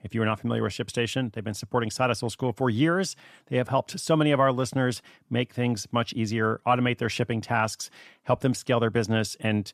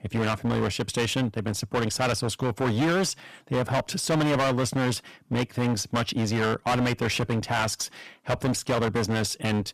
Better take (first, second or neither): first